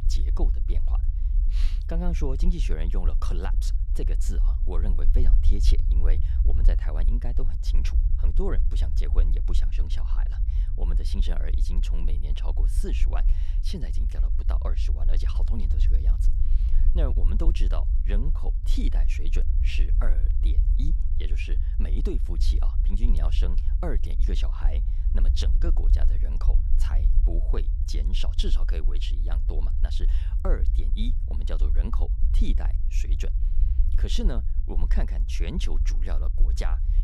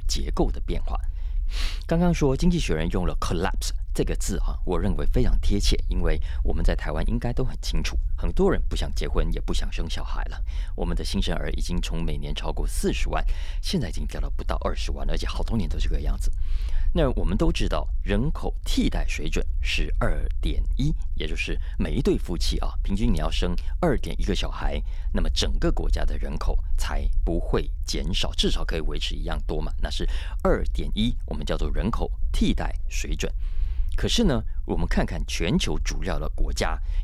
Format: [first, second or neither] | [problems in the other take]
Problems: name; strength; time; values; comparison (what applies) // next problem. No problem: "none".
second | low rumble; loud; throughout; 8 dB below the speech; faint in the second